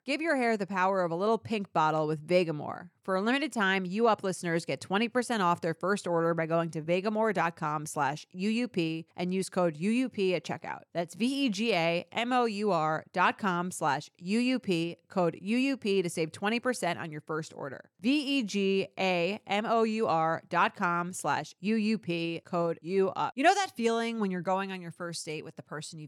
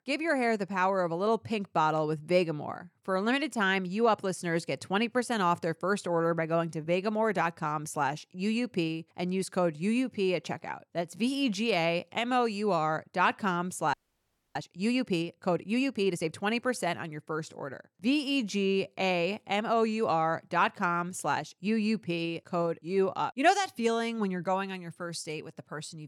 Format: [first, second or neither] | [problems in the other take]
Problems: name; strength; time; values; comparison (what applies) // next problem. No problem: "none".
first | audio freezing; at 14 s for 0.5 s